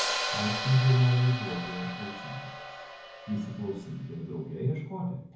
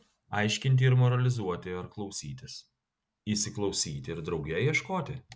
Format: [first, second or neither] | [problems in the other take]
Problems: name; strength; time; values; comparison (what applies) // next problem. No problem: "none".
second | background sound (Hi-hat); 7 dB below the speech // room echo; dies away in 0.9 s